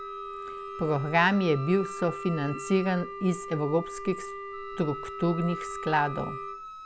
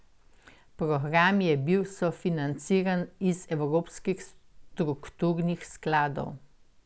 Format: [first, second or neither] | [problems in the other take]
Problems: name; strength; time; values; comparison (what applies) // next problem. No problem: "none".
second | background sound (Wind instrument, woodwind instrument + Wind instrument, woodwind instrument); 9 dB below the speech